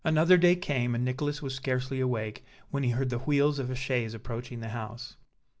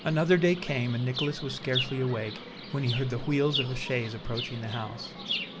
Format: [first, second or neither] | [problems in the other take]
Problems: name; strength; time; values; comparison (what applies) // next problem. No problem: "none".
first | background sound (Chirp, tweet); 8 dB below the speech